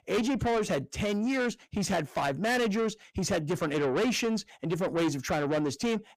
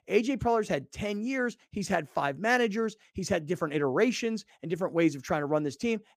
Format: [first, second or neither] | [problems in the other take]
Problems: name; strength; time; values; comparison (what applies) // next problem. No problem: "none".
second | distortion; heavy; 6 dB below the speech